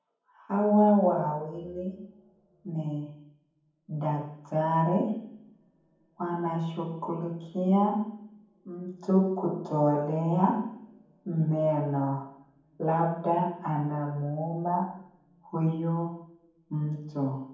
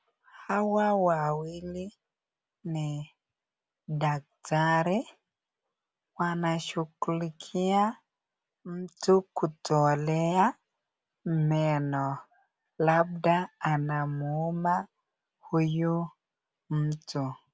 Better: second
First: room echo; dies away in 1.2 s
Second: none

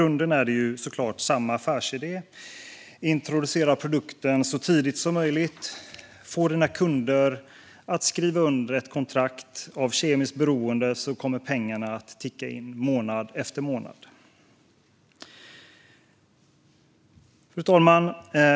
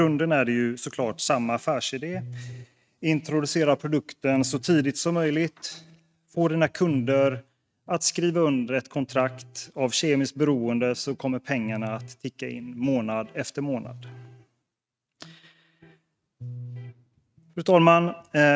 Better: first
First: none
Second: noise reduction (neural mask model RNNoise)

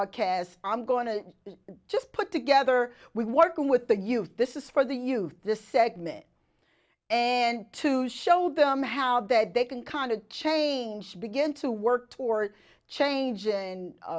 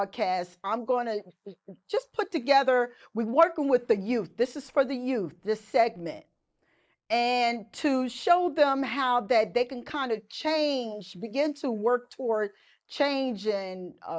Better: first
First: none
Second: noise reduction (neural mask model Resemble Enhance denoiser)

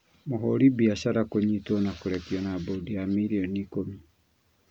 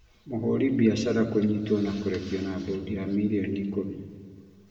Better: first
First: none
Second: room echo; dies away in 1.5 s

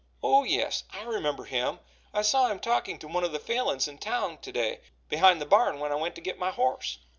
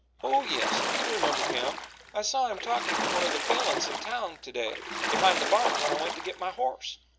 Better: first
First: none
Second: background sound (Water / Splash, splatter); as loud as the speech

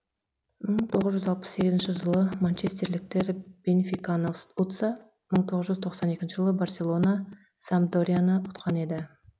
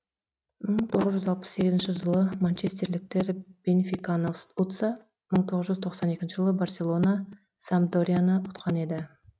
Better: first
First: none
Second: noise reduction (neural mask model RNNoise)

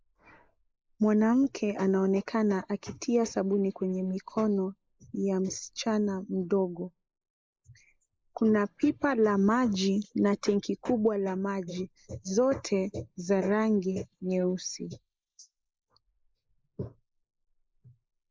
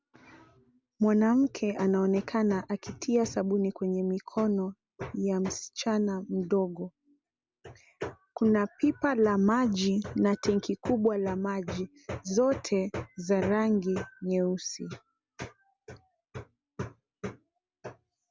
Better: second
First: noise reduction (neural mask model Resemble Enhance denoiser)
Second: none

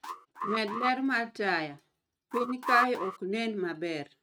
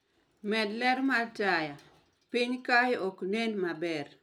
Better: second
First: noise reduction (neural mask model RNNoise)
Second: none

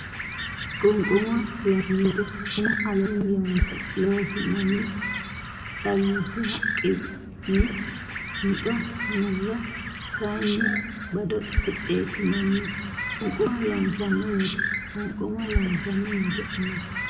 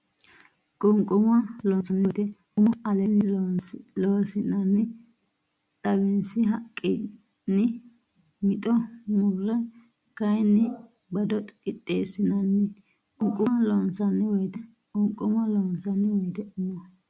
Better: second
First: background sound (Bird); 5 dB below the speech // room echo; dies away in 1.1 s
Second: none

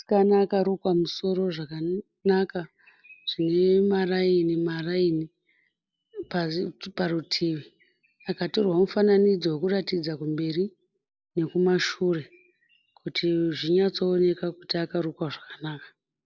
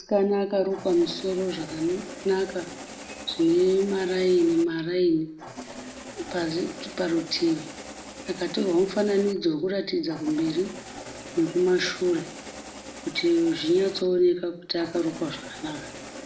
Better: first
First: none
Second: background sound (Engine starting); 15 dB below the speech // room echo; dies away in 0.6 s

